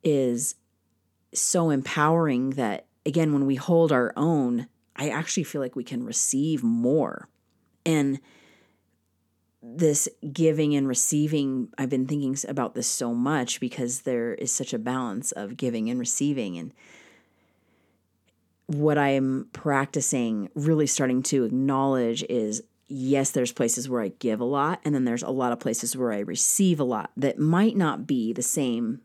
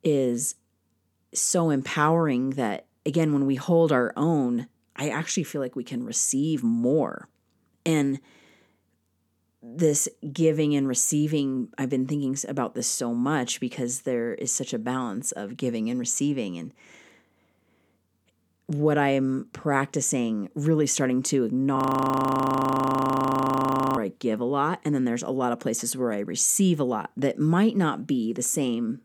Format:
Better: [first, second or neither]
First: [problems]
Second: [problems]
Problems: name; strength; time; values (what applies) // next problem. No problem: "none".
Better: first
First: none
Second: audio freezing; at 22 s for 2 s